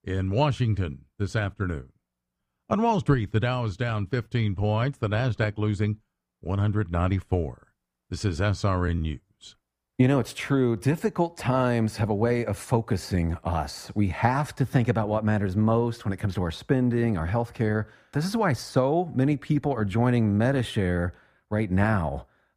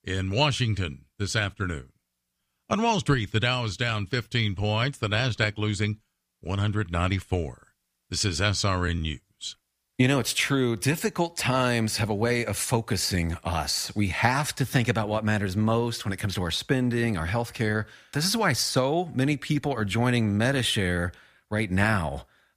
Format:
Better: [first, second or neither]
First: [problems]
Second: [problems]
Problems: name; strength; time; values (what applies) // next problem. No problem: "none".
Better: second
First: muffled; slightly; fading above 1.5 kHz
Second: none